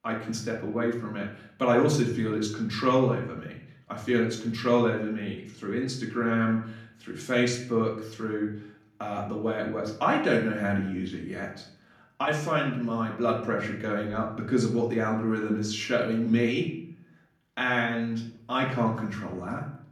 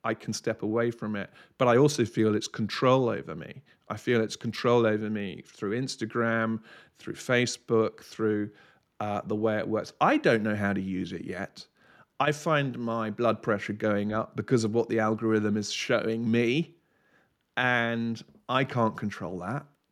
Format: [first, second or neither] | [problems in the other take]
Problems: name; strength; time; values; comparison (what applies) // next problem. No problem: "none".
second | off-mic speech; far // room echo; slight; dies away in 0.5 s